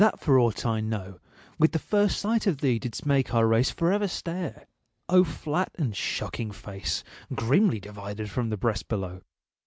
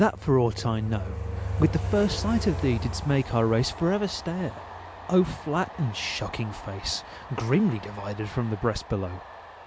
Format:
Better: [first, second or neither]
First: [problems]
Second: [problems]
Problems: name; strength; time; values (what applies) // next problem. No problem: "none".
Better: first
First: none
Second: background sound (Train); 9 dB below the speech